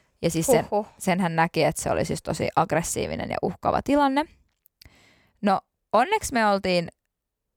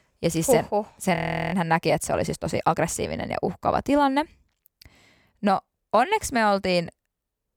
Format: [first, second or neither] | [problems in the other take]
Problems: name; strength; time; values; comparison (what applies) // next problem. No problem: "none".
first | audio freezing; at 1 s